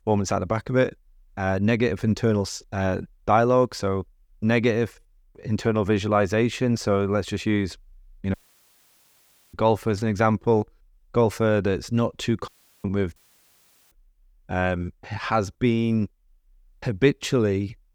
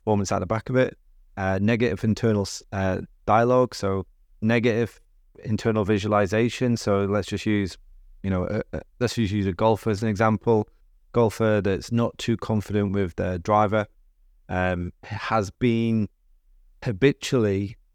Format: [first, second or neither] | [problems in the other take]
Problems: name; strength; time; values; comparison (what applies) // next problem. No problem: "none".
second | audio cutting out; at 8.5 s for 1 s, at 12 s and at 13 s for 1 s